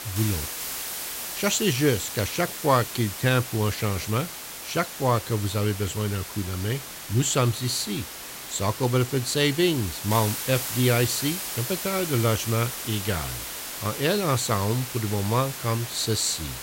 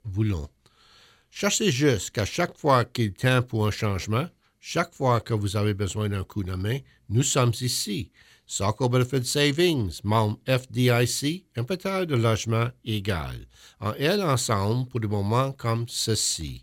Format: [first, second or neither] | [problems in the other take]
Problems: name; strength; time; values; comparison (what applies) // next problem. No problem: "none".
second | hiss; loud; throughout; 7 dB below the speech